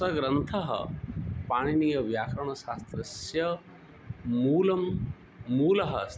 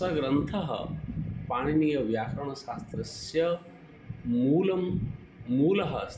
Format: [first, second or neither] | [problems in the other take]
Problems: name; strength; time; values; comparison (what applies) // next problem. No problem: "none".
first | room echo; dies away in 0.5 s